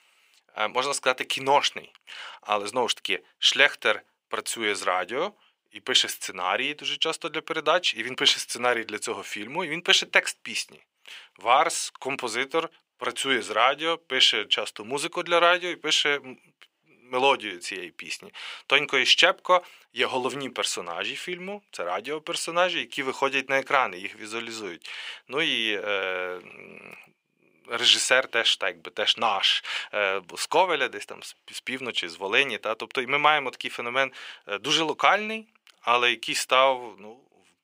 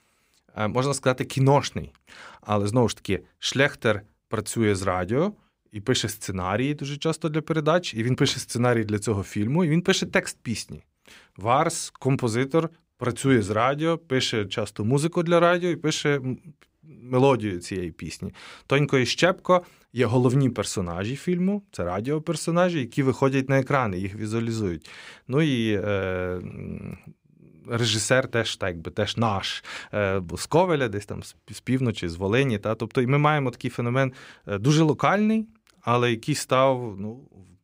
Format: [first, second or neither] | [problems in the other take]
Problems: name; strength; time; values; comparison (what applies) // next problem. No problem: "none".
second | thin; very; fading below 550 Hz